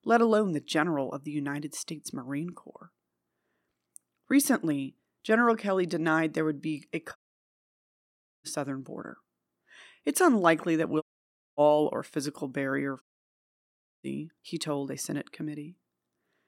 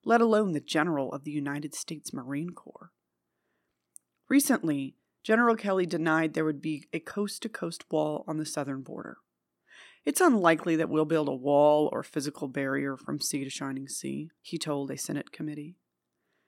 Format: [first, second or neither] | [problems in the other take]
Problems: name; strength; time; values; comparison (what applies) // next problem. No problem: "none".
second | audio cutting out; at 7 s for 1.5 s, at 11 s for 0.5 s and at 13 s for 1 s